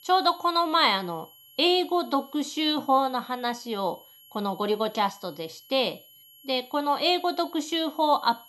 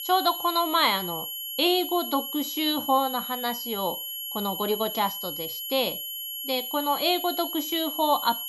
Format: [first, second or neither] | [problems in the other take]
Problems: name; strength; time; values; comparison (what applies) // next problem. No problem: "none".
first | high-pitched whine; loud; throughout; 3 kHz, 5 dB below the speech; faint in the first